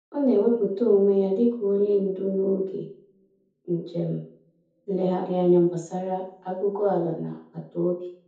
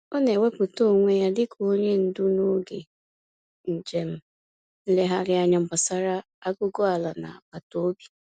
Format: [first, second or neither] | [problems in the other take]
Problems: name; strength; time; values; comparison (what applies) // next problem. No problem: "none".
second | room echo; dies away in 0.6 s